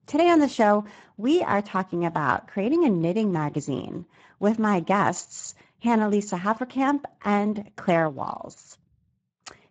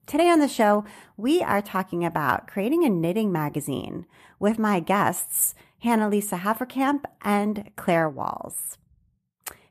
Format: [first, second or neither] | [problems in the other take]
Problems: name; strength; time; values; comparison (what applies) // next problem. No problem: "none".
second | garbled, watery; badly; nothing above 7.5 kHz